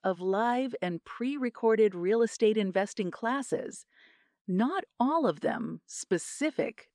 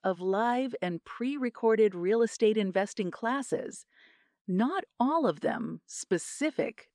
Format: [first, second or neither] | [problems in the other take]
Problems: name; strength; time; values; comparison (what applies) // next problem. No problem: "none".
neither | none